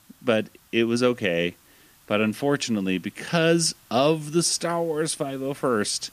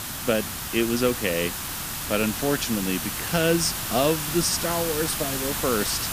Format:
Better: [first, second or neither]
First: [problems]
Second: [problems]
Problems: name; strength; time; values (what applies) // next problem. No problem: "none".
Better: first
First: hiss; faint; throughout; 30 dB below the speech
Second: hiss; loud; throughout; 3 dB below the speech